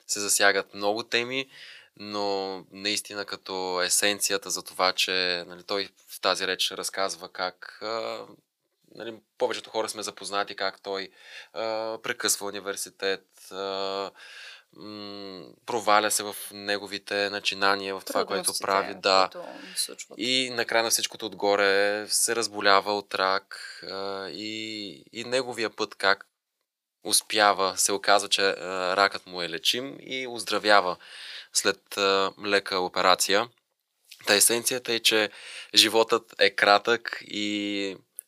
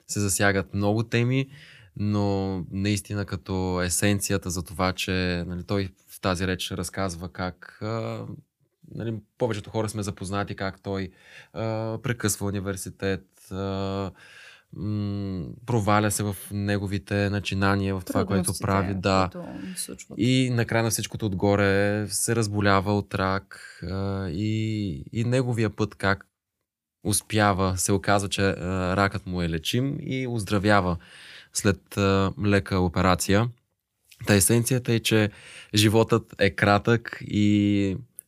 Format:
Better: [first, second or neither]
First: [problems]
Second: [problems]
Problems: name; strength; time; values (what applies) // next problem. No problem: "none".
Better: second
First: thin; very; fading below 550 Hz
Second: none